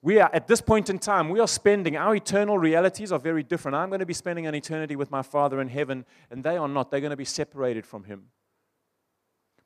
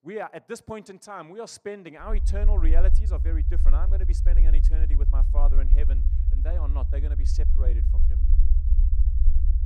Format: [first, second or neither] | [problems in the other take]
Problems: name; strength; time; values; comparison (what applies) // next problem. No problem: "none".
first | low rumble; loud; from 2 s on; 8 dB below the speech